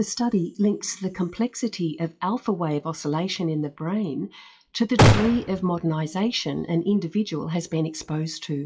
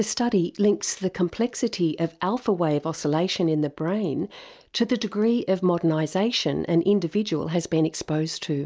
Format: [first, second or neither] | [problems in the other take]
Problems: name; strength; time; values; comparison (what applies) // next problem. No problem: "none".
second | noise reduction (classical method WPE with log-MMSE)